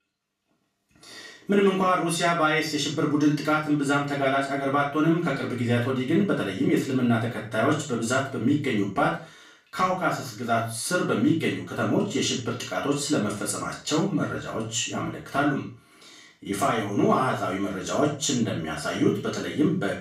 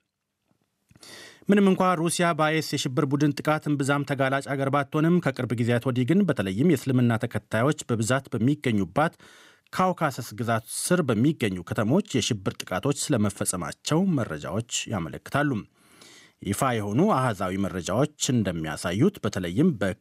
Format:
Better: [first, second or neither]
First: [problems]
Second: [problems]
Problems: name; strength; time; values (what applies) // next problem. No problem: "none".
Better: second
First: room echo; noticeable; dies away in 0.3 s // off-mic speech; far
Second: none